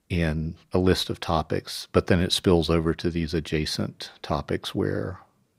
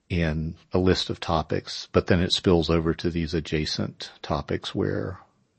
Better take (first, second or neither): first